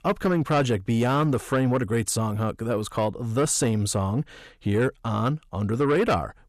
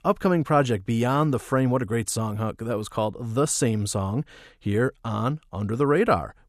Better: second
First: distortion; slight; 10 dB below the speech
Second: none

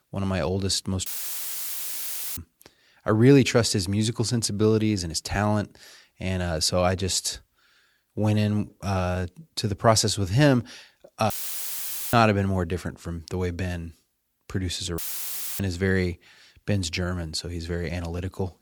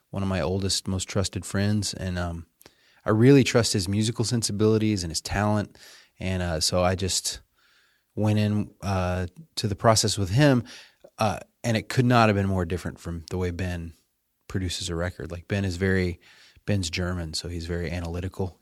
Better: second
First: audio cutting out; filled with static; at 1 s for 1.5 s, at 11 s for 1 s and at 15 s for 0.5 s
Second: none

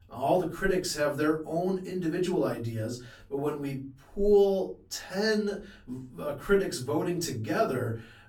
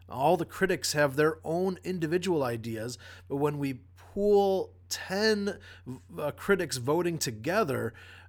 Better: second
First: off-mic speech; far // room echo; slight; dies away in 0.3 s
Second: none

